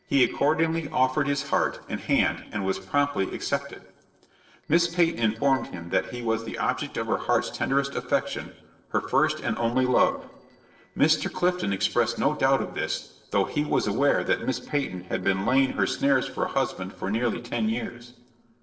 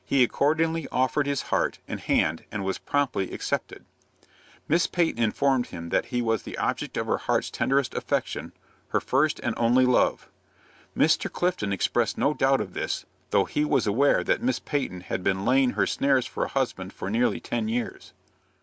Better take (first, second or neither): second